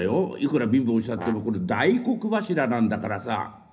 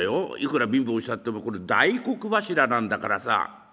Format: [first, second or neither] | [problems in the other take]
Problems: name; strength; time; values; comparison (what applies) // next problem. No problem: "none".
second | background sound (Brass instrument); 17 dB below the speech // room echo; dies away in 0.5 s